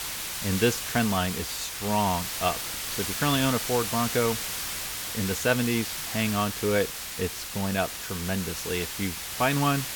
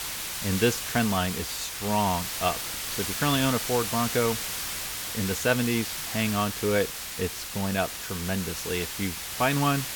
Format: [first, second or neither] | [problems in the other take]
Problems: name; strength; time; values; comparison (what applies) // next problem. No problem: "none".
neither | hiss; loud; throughout; 3 dB below the speech; the same in both